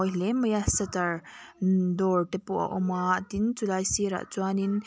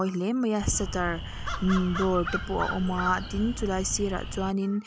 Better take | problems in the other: first | background sound (Crow); 6 dB below the speech

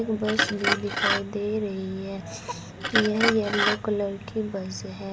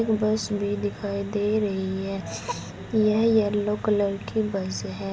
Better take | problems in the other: second | background sound (Glass); 1 dB below the speech

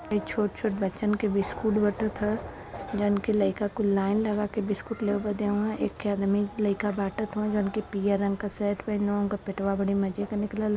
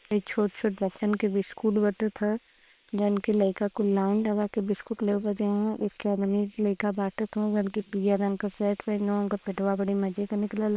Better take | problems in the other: first | noise reduction (neural separator model SepFormer WHAM!)

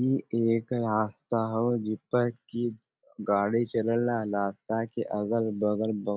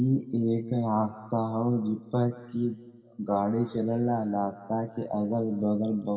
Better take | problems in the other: first | room echo; dies away in 2 s

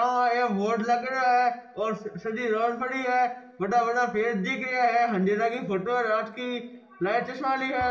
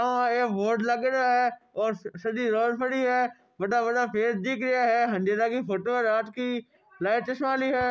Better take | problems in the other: second | room echo; dies away in 0.8 s

